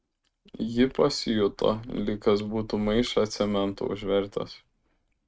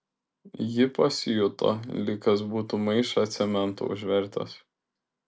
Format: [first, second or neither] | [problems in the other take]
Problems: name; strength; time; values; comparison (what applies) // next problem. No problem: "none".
second | noise reduction (neural mask model RNNoise)